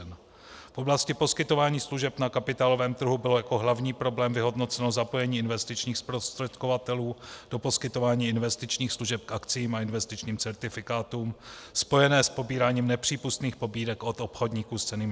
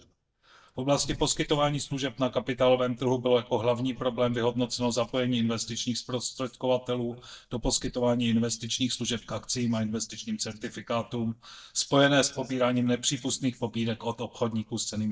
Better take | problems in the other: first | noise reduction (neural mask model DeepFilterNet 3)

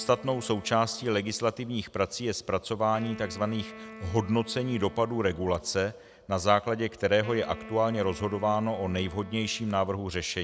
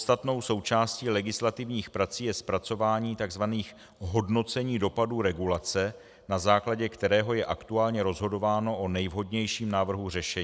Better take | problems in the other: second | background sound (Wind instrument, woodwind instrument); 18 dB below the speech

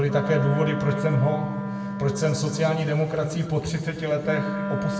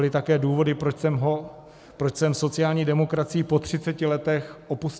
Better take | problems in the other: second | background sound (Wind instrument, woodwind instrument); 6 dB below the speech // room echo; dies away in 2.1 s

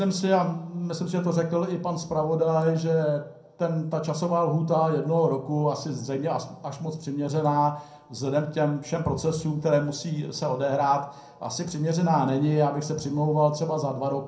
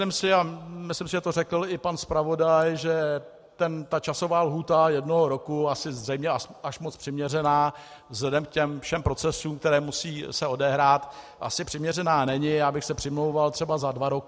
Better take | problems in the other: second | room echo; dies away in 0.6 s

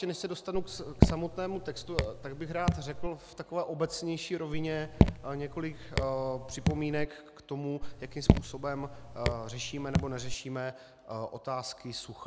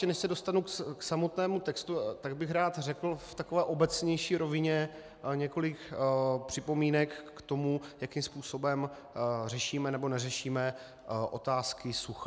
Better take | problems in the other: second | background sound (Raindrop / Drip); 5 dB above the speech

